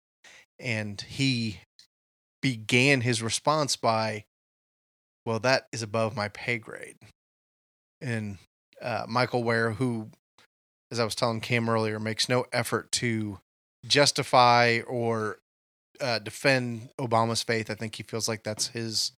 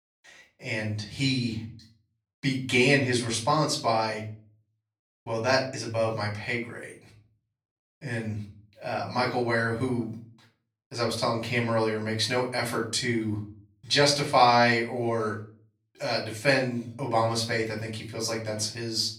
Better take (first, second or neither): first